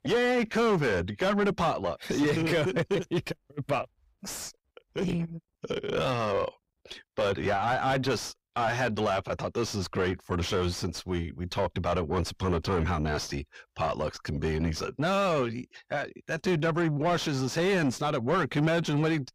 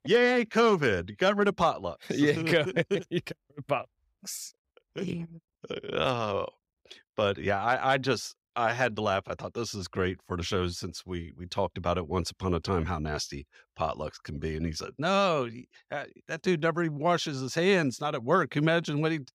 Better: second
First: distortion; heavy; 7 dB below the speech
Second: none

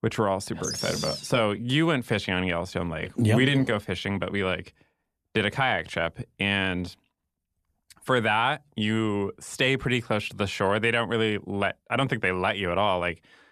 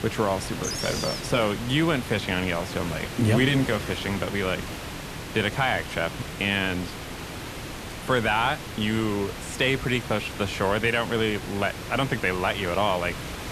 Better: first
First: none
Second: hiss; loud; throughout; 9 dB below the speech

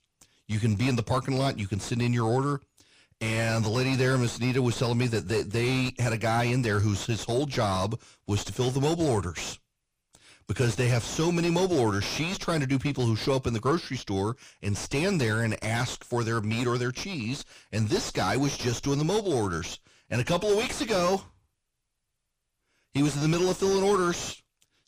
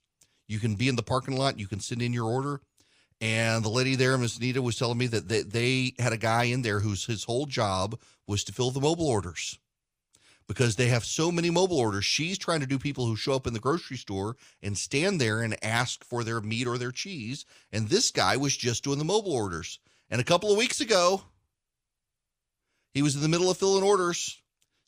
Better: second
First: distortion; heavy; 6 dB below the speech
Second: none

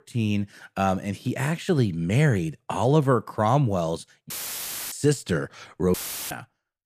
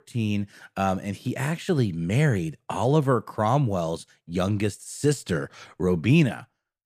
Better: second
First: audio cutting out; filled with static; at 4.5 s for 0.5 s and at 6 s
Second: none

